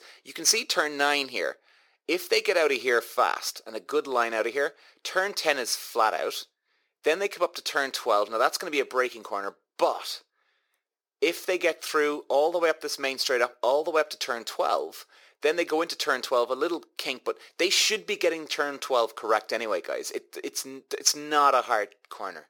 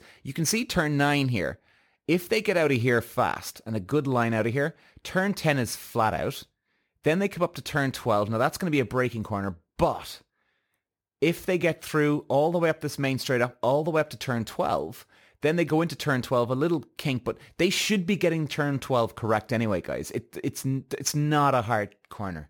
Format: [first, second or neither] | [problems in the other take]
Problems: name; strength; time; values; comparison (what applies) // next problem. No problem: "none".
second | thin; very; fading below 400 Hz